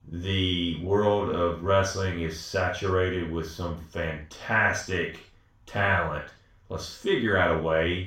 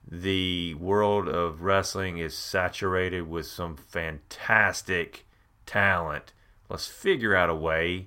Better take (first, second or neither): second